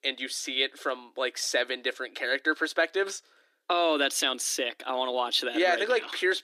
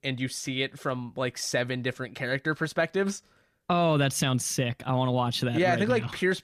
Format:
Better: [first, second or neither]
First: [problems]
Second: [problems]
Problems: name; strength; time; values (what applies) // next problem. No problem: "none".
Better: second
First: thin; very; fading below 300 Hz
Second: none